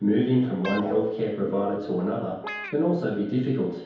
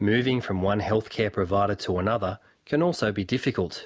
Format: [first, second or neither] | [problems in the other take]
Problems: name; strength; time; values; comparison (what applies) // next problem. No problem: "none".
second | background sound (Guitar); 11 dB below the speech // room echo; dies away in 2.2 s